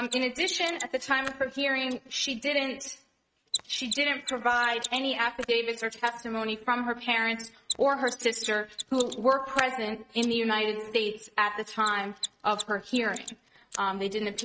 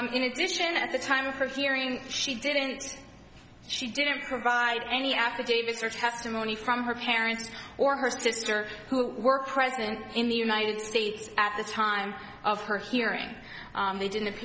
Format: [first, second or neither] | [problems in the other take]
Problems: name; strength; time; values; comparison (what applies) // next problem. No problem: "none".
second | noise reduction (neural mask model RNNoise)